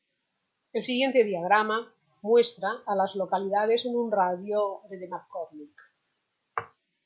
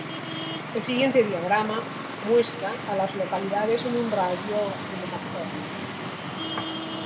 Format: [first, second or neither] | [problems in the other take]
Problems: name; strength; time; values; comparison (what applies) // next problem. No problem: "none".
first | background sound (Traffic noise, roadway noise); 6 dB below the speech // room echo; dies away in 0.8 s